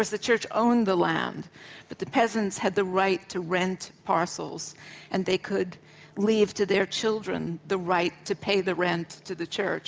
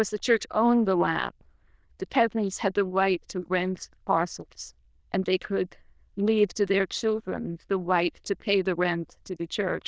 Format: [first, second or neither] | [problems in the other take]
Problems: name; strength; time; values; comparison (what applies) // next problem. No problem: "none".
first | noise reduction (neural diffusion model UNIVERSE++)